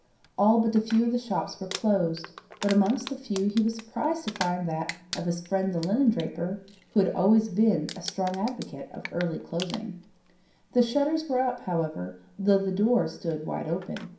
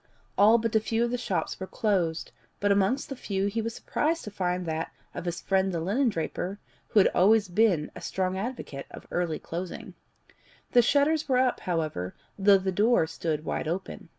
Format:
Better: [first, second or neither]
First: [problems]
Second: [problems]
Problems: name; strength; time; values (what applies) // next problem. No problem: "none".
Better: second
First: background sound (Crumpling, crinkling); 17 dB below the speech // room echo; dies away in 0.5 s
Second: none